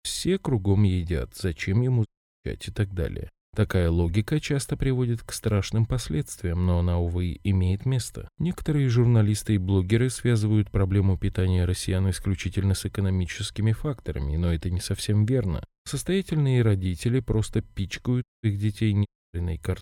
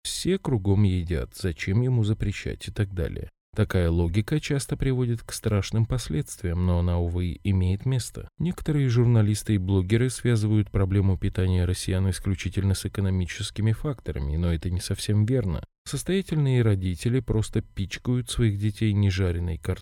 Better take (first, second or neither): second